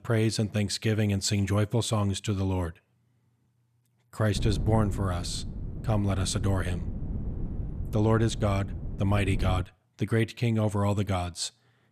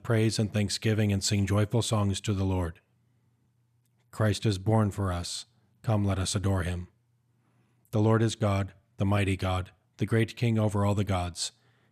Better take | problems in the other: second | wind noise on the microphone; occasional gusts; from 4.5 to 9.5 s; 15 dB below the speech

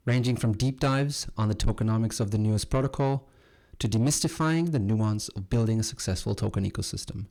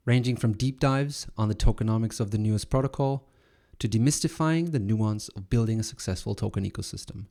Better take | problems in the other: second | distortion; slight; 9 dB below the speech

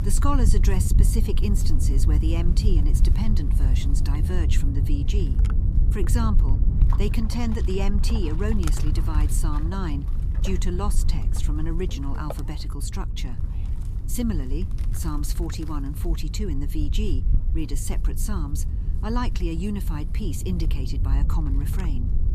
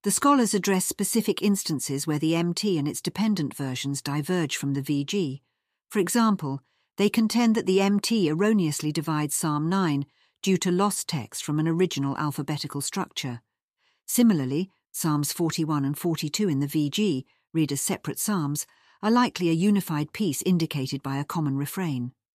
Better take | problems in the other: second | wind noise on the microphone; heavy; 7 dB below the speech

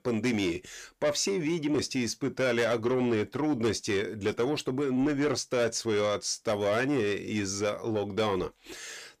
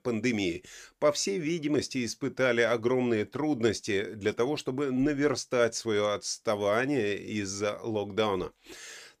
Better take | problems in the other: second | distortion; slight; 10 dB below the speech

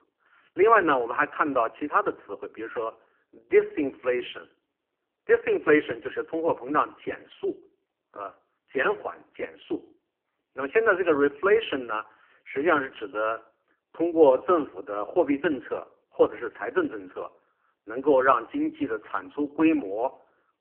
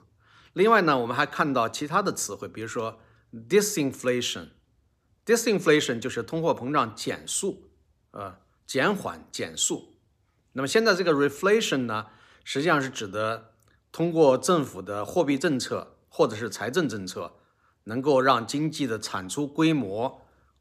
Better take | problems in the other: second | phone-call audio; poor line; nothing above 3 kHz

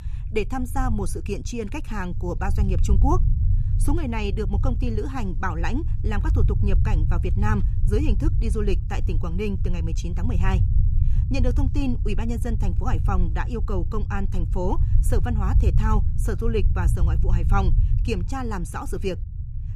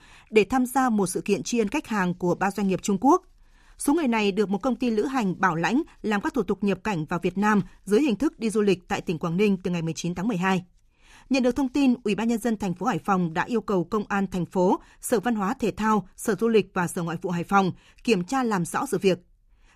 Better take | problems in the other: second | low rumble; noticeable; throughout; 10 dB below the speech

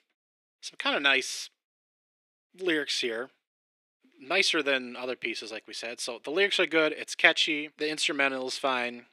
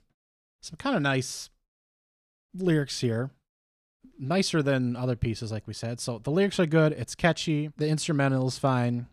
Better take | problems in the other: second | thin; very; fading below 350 Hz

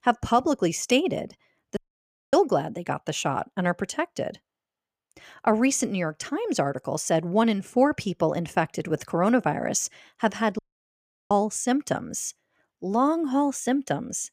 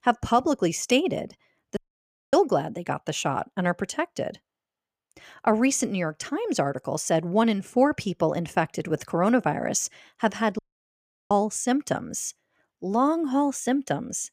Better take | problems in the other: neither | audio cutting out; at 2 s for 0.5 s and at 11 s for 0.5 s; the same in both

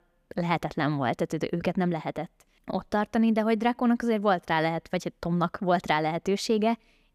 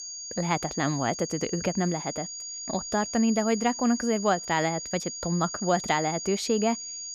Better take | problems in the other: first | high-pitched whine; loud; throughout; 6.5 kHz, 7 dB below the speech

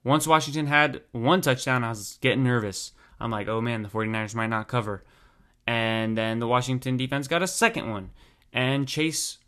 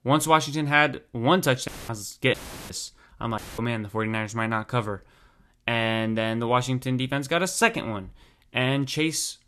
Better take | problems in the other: first | audio cutting out; filled with static; at 1.5 s, at 2.5 s and at 3.5 s

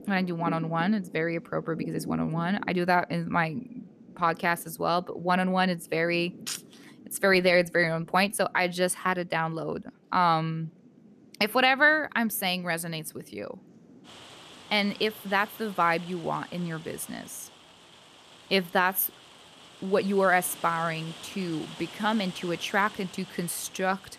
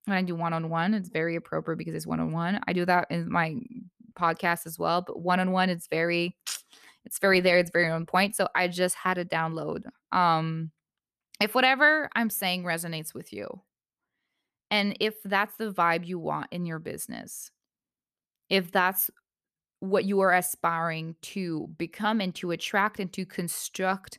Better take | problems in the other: second | rain or running water; noticeable; throughout; 20 dB below the speech

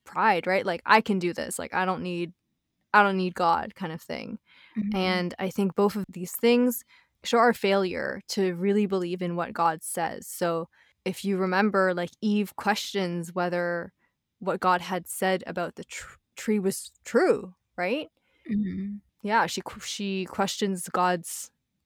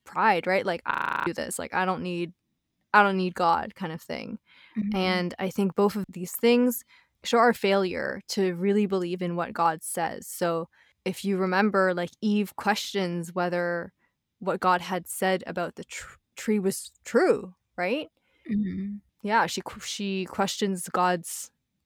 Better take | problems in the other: first | audio freezing; at 1 s

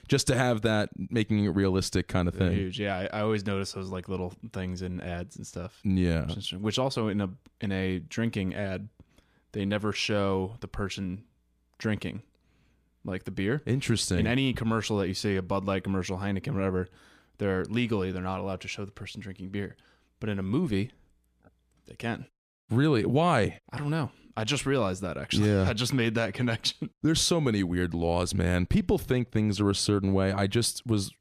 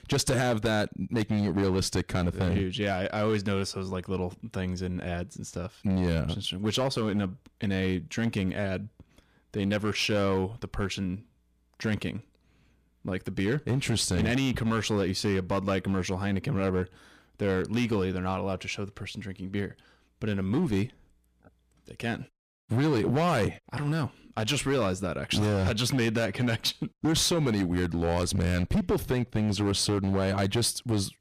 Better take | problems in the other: first | distortion; slight; 8% of the sound clipped

